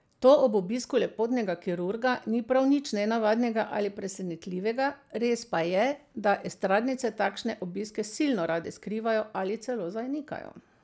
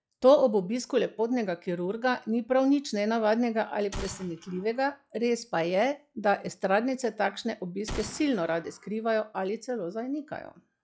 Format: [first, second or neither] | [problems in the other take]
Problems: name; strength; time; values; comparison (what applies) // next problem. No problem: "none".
first | noise reduction (classical method log-MMSE)